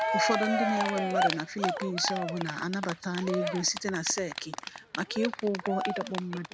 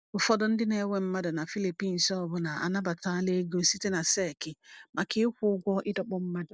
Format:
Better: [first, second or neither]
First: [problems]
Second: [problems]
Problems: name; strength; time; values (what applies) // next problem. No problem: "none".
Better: second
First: background sound (Cheering); 1 dB below the speech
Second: none